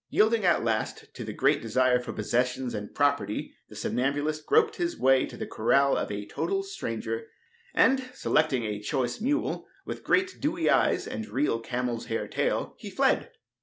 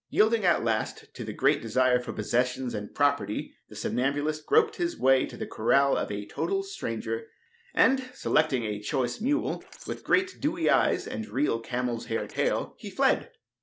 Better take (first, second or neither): first